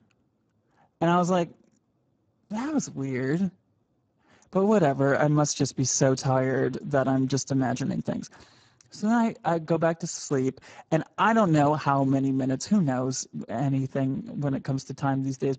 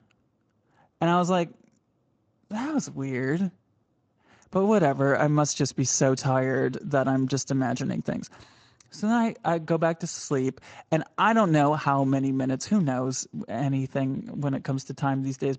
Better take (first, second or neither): second